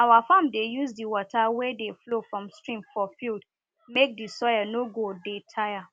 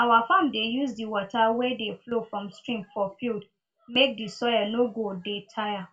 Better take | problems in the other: first | room echo; dies away in 0.2 s

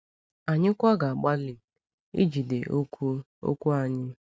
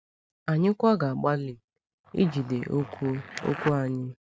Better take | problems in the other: first | background sound (Zipper (clothing)); 12 dB below the speech

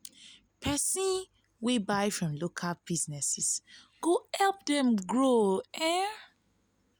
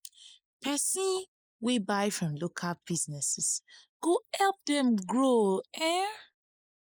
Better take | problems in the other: first | noise reduction (neural mask model Resemble Enhance denoiser)

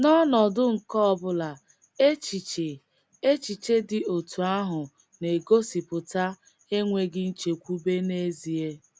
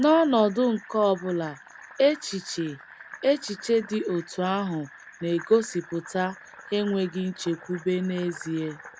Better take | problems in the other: first | background sound (Fill (with liquid)); 19 dB below the speech

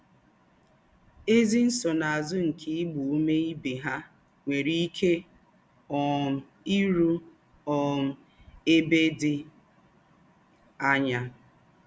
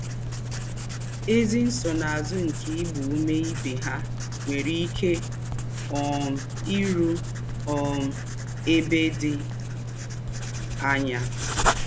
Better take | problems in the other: first | background sound (Writing); 2 dB below the speech

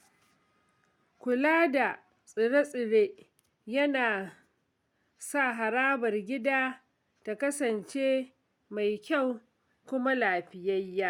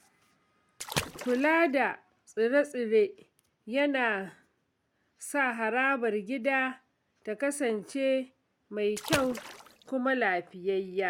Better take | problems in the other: first | background sound (Water / Splash, splatter); 10 dB below the speech

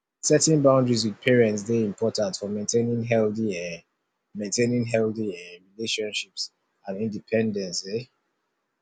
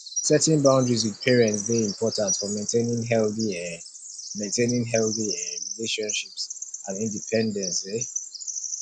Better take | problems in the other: first | background sound (Bird vocalization, bird call, bird song); 9 dB below the speech

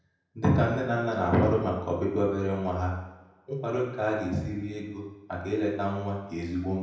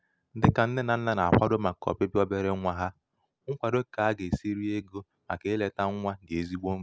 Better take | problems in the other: second | room echo; dies away in 0.9 s

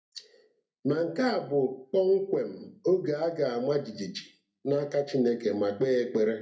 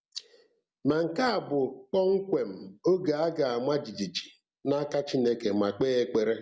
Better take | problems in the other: second | room echo; dies away in 0.3 s

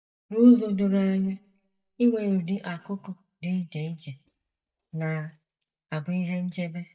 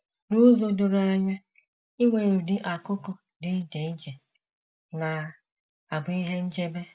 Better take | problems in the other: second | noise reduction (neural mask model DeepFilterNet 3)

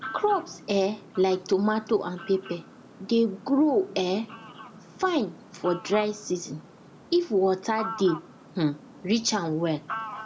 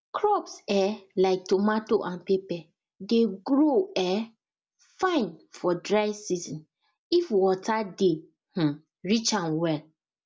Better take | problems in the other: second | background sound (Fowl); 15 dB below the speech

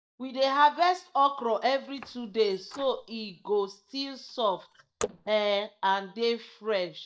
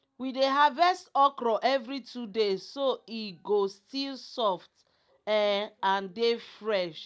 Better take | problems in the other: second | noise reduction (neural mask model DeepFilterNet 3)

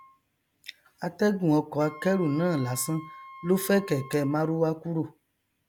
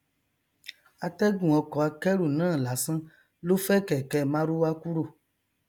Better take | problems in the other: second | background sound (Wind instrument, woodwind instrument); 20 dB below the speech

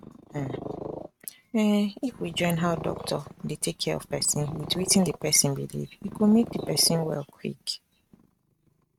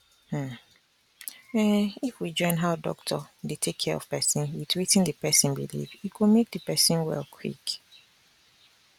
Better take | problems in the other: second | noise reduction (neural mask model RNNoise)

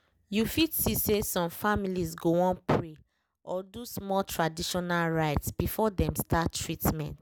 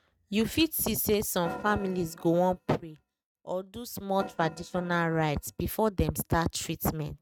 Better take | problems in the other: first | noise reduction (neural mask model RNNoise)

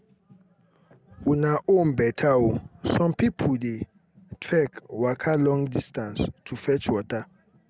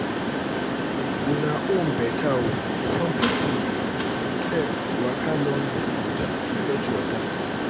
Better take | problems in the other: first | background sound (Mechanisms); 3 dB above the speech

